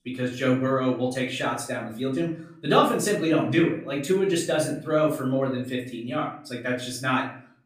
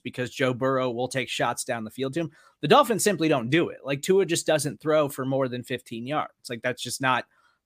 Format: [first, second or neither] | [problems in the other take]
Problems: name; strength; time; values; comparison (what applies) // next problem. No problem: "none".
second | off-mic speech; far // room echo; slight; dies away in 0.5 s